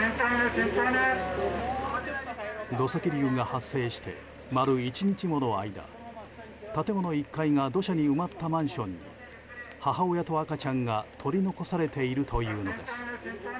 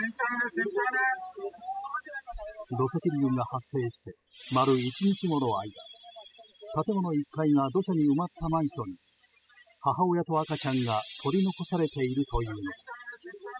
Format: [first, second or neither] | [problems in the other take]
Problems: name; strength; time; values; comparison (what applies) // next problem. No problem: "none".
first | noise reduction (classical method spectral subtraction)